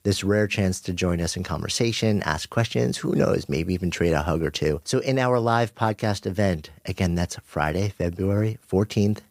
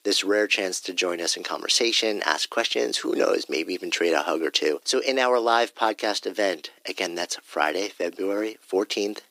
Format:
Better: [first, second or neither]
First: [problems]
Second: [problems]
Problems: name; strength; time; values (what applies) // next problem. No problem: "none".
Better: first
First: none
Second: thin; very; fading below 300 Hz